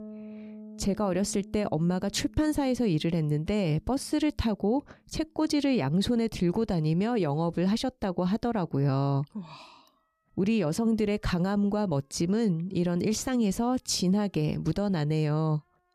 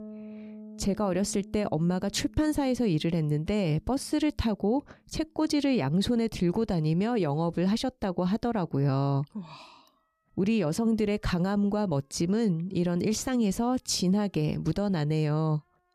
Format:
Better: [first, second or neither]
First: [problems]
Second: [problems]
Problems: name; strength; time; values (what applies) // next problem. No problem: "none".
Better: neither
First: background music; faint; throughout; 20 dB below the speech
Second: background music; faint; throughout; 20 dB below the speech